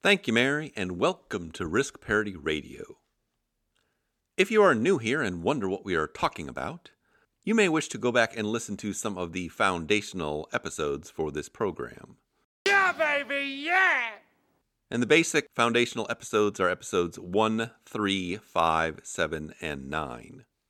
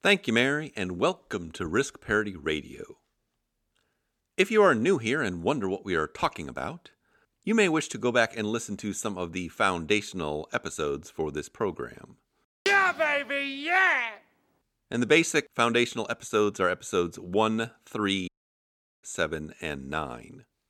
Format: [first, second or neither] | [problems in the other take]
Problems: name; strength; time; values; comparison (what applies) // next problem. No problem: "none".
first | audio cutting out; at 18 s for 1 s